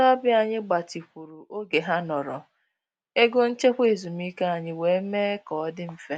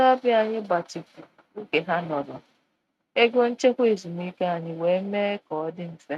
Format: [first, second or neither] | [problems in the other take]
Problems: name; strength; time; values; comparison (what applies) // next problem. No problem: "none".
first | noise reduction (neural mask model RNNoise)